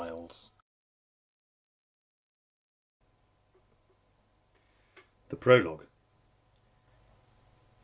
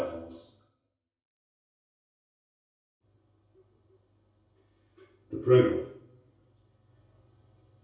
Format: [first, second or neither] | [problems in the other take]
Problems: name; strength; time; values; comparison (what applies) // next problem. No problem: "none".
first | room echo; dies away in 0.6 s